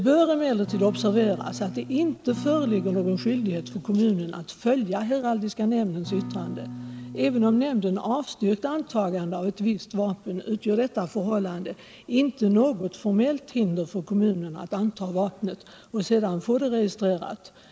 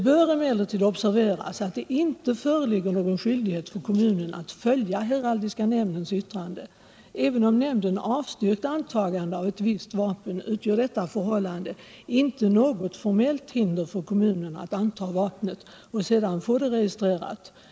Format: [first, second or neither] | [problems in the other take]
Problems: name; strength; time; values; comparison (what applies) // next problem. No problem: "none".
second | background sound (Acoustic guitar / Strum); 11 dB below the speech